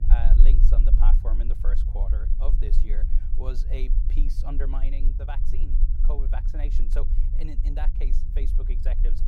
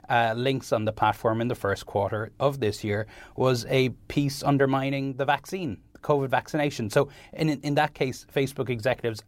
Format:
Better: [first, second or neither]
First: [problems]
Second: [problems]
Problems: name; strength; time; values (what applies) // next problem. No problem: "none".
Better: second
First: low rumble; loud; throughout; 6 dB below the speech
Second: none